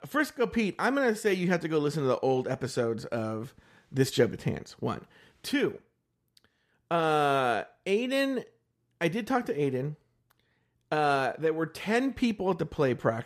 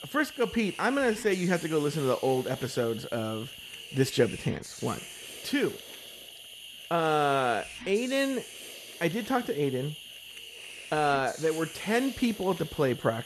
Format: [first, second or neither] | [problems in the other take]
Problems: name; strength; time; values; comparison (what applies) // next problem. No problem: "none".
first | hiss; noticeable; throughout; 15 dB below the speech